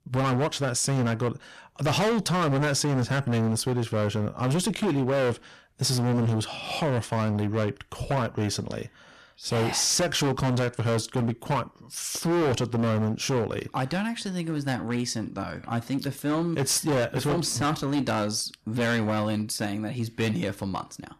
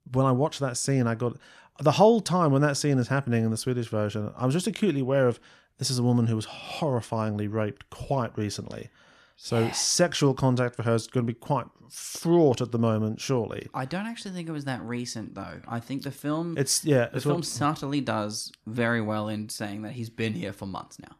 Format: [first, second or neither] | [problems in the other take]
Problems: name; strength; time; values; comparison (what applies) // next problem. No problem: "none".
second | distortion; heavy; 18% of the sound clipped